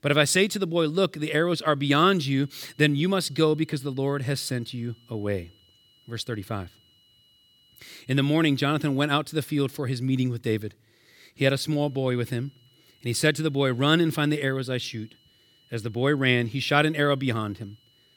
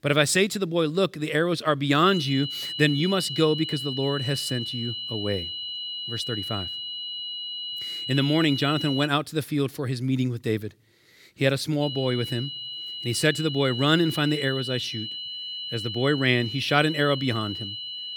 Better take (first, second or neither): first